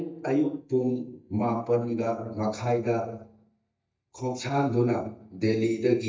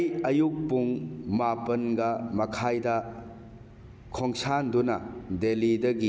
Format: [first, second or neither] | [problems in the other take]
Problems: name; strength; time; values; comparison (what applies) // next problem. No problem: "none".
second | noise reduction (neural mask model DeepFilterNet 3)